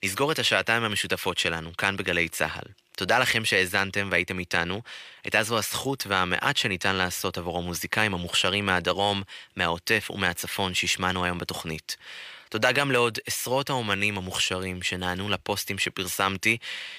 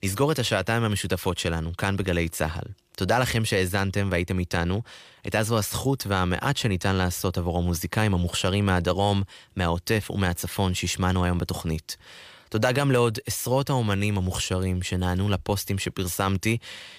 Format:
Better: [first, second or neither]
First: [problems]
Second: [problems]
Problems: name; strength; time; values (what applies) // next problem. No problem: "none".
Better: second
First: thin; somewhat; fading below 550 Hz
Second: none